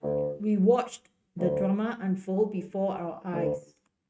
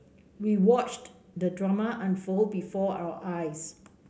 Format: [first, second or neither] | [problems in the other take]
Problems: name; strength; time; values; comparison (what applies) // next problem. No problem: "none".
second | noise reduction (neural mask model RNNoise)